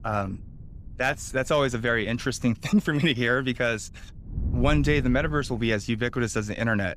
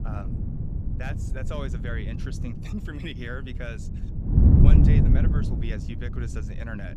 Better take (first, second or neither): first